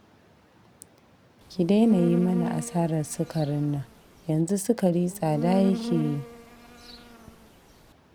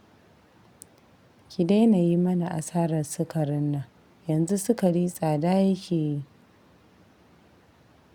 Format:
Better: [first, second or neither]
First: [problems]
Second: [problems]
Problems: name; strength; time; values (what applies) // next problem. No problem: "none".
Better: second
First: background sound (Insect); 8 dB below the speech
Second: none